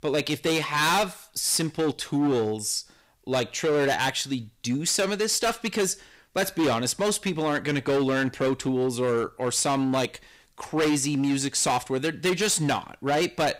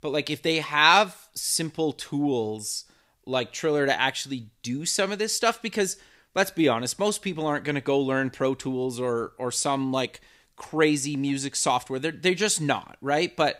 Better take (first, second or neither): second